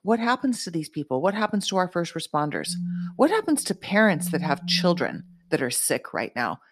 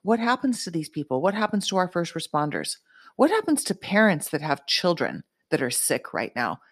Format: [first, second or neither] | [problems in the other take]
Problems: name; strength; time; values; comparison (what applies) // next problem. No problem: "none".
second | phone ringing; noticeable; from 2.5 to 5 s; peak 6 dB below the speech